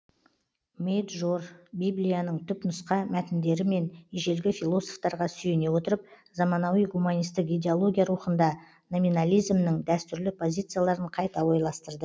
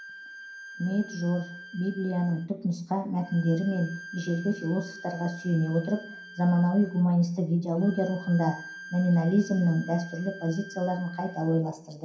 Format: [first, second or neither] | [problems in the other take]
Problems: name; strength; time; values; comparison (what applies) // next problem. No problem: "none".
first | background sound (Bowed string instrument); 17 dB below the speech // room echo; dies away in 0.5 s